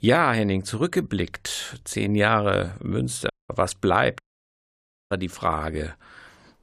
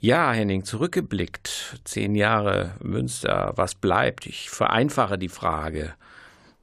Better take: second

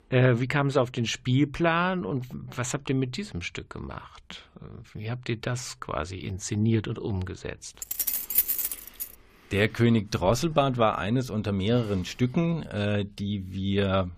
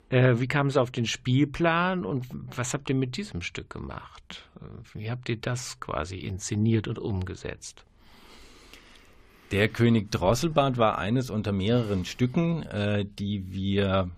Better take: second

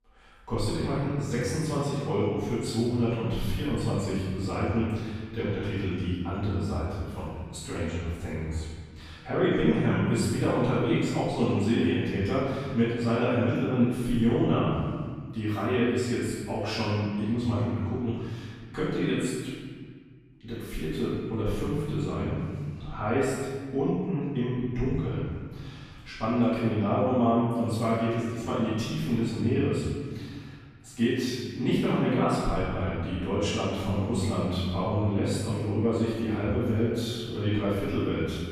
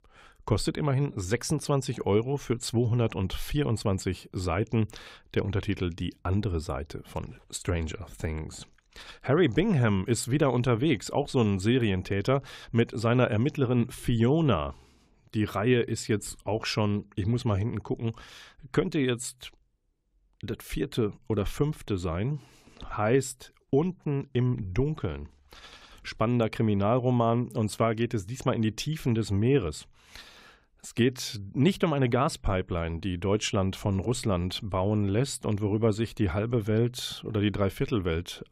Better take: second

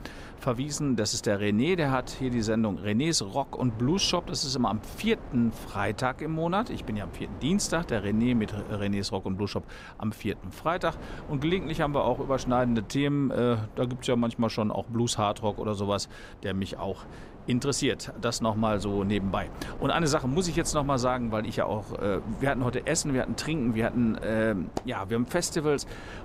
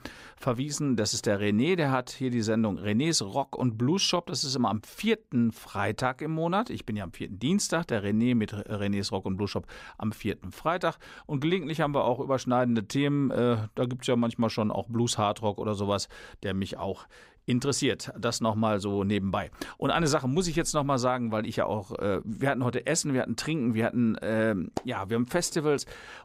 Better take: second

